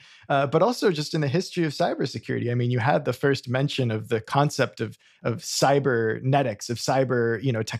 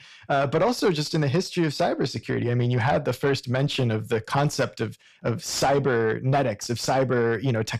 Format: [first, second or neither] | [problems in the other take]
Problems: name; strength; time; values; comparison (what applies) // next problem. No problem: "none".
first | distortion; slight; 10 dB below the speech